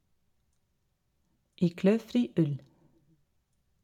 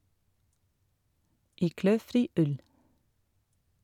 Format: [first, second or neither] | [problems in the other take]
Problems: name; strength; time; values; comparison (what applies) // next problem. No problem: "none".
second | room echo; dies away in 0.4 s